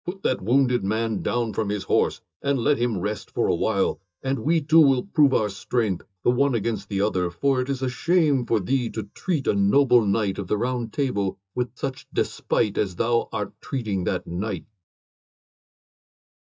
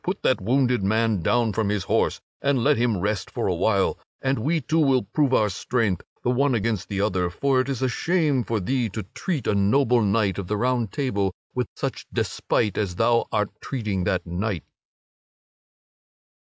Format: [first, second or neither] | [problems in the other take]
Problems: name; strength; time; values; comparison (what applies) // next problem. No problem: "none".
second | noise reduction (neural mask model DeepFilterNet 3)